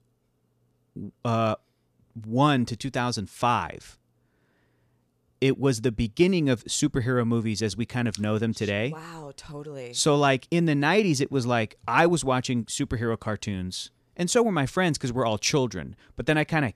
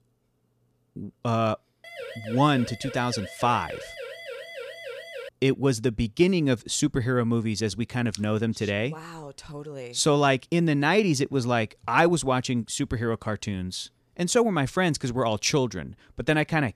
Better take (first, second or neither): first